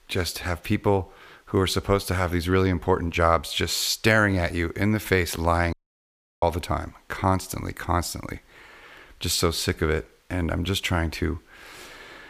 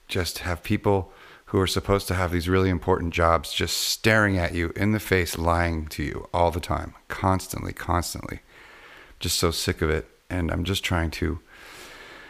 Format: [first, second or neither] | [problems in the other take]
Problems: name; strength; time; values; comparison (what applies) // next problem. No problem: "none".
second | audio cutting out; at 5.5 s for 0.5 s